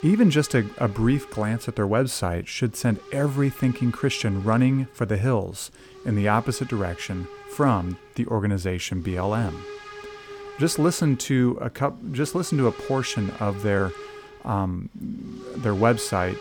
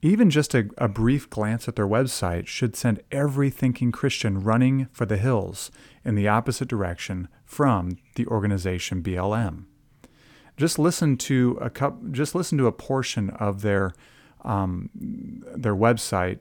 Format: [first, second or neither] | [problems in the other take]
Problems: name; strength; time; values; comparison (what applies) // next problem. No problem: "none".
second | hiss; noticeable; throughout; 15 dB below the speech